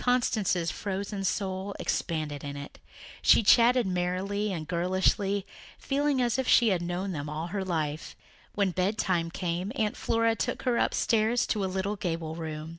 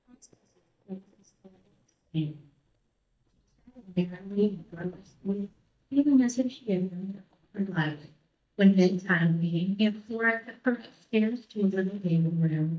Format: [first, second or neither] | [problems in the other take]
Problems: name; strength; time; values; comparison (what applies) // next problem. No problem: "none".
first | noise reduction (neural mask model DeepFilterNet 3)